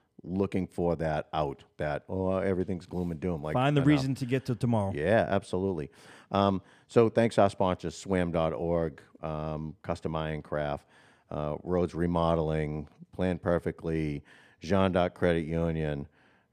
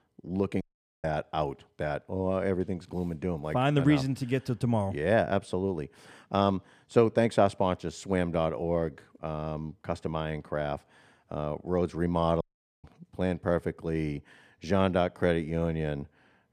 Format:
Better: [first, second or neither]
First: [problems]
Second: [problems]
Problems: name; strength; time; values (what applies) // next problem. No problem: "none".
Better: first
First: none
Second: audio cutting out; at 0.5 s and at 12 s